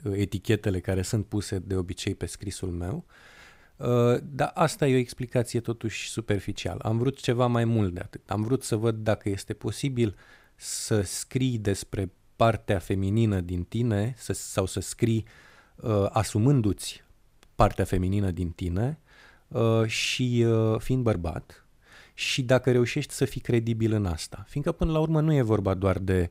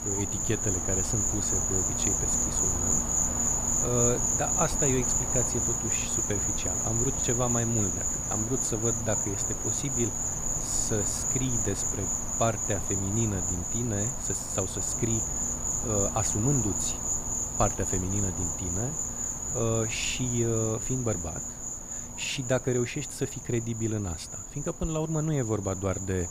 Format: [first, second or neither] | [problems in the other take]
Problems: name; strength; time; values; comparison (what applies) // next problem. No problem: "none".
first | animal sounds; very loud; throughout; 4 dB above the speech